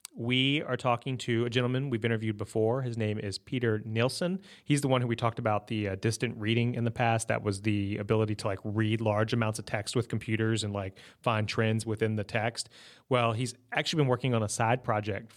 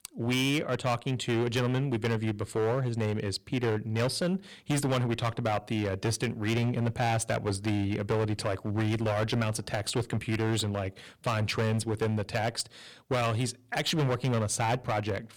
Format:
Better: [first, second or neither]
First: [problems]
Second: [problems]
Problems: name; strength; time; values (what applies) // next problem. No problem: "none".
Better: first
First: none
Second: distortion; heavy; 14% of the sound clipped